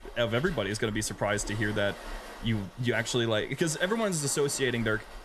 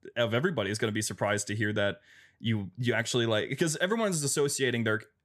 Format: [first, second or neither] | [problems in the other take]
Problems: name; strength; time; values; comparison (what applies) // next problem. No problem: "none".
second | rain or running water; noticeable; throughout; 15 dB below the speech